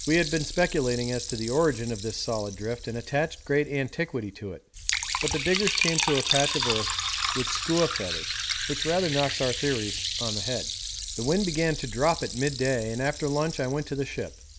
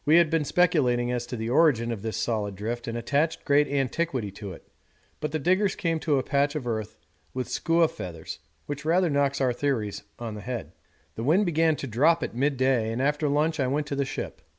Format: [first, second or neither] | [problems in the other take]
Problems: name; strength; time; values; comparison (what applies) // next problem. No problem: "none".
second | background sound (Liquid); 4 dB below the speech